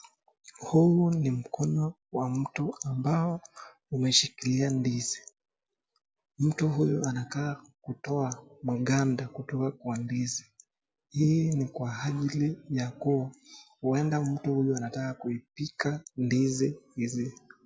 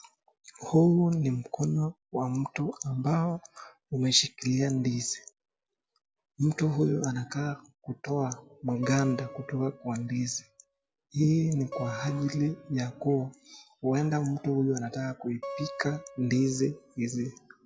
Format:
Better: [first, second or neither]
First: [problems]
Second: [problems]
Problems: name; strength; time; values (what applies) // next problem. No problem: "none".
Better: first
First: none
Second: background sound (Acoustic guitar); 15 dB below the speech